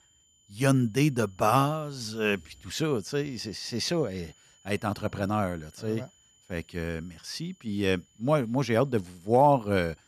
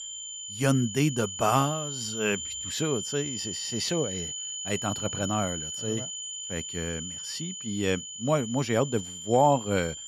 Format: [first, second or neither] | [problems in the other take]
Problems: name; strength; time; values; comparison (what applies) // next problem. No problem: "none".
first | high-pitched whine; loud; throughout; 7 kHz, 5 dB below the speech; faint in the first